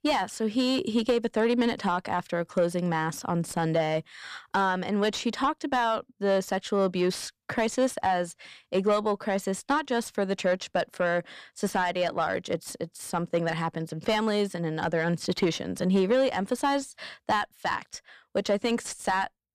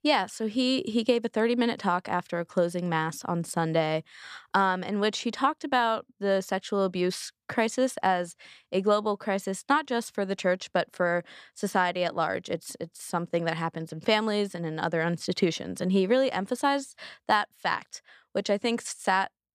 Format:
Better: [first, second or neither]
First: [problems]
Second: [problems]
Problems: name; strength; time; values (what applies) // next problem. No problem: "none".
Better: second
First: distortion; slight; 10 dB below the speech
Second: none